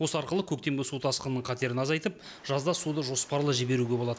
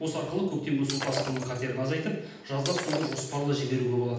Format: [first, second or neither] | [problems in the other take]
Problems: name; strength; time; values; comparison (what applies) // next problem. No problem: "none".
first | background sound (Shatter); 8 dB below the speech // room echo; dies away in 0.8 s